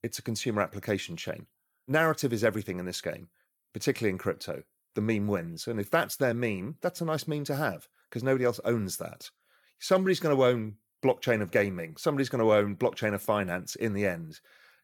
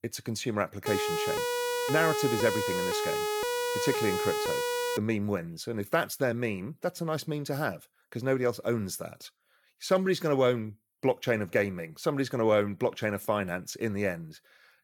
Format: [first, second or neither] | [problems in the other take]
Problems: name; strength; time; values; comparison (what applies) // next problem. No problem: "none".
first | siren; loud; from 1 to 5 s; peak 1 dB above the speech